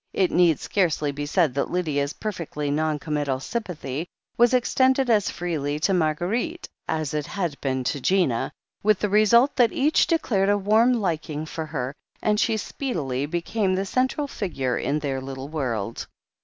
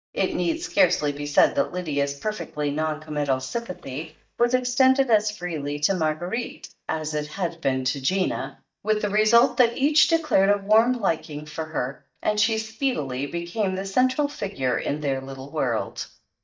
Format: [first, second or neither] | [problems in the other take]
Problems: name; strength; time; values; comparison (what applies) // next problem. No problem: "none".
first | noise reduction (neural mask model DeepFilterNet 3)